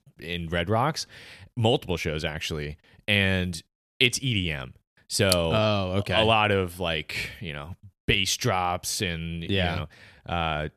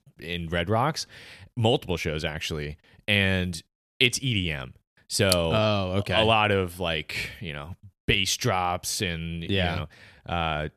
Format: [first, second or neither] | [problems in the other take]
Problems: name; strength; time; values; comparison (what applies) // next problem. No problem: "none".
neither | none